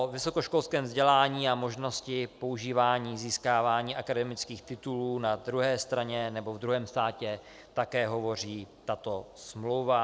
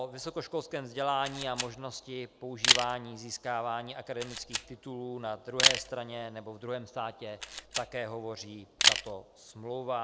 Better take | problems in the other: first | background sound (Camera); 3 dB above the speech

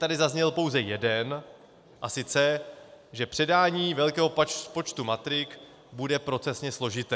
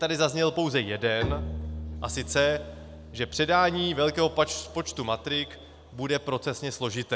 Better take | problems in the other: first | background sound (Bowed string instrument); 12 dB below the speech

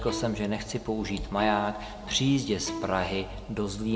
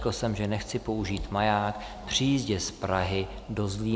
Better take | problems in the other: second | background sound (Bowed string instrument); 13 dB below the speech // room echo; dies away in 0.9 s

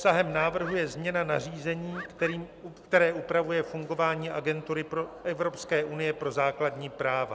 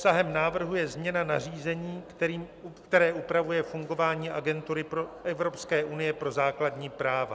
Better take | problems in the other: second | background sound (Bird); 13 dB below the speech

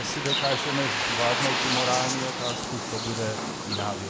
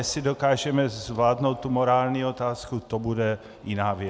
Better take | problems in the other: second | background sound (Bird); 2 dB above the speech

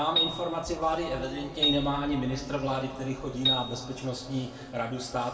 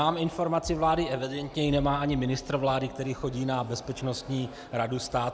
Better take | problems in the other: second | background sound (Piano); 3 dB below the speech // room echo; dies away in 2 s

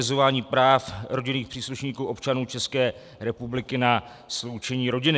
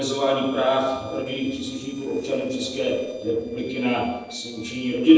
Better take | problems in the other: first | noise reduction (neural separator model SepFormer DNS4)

